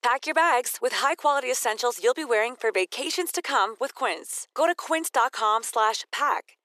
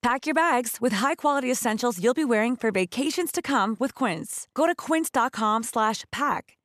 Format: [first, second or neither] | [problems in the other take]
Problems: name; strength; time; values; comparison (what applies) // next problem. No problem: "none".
second | thin; very; fading below 350 Hz